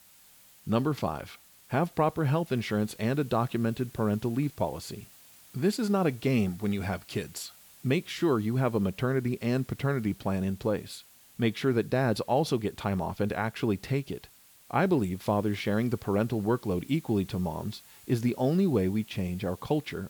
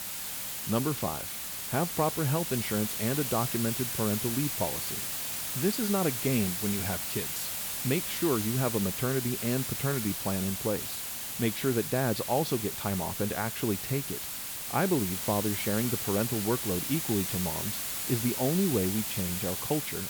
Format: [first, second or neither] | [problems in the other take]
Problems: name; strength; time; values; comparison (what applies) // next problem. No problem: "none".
first | hiss; loud; throughout; 1 dB below the speech; faint in the first